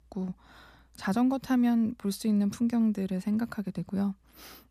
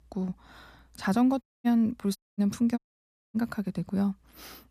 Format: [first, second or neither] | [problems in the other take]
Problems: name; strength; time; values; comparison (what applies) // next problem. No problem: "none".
first | audio cutting out; at 1.5 s, at 2 s and at 3 s for 0.5 s